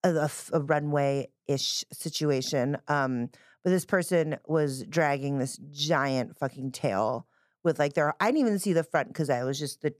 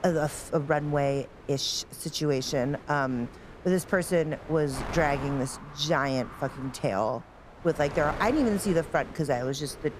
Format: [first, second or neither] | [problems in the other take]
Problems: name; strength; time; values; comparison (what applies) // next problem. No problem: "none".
first | wind noise on the microphone; occasional gusts; 15 dB below the speech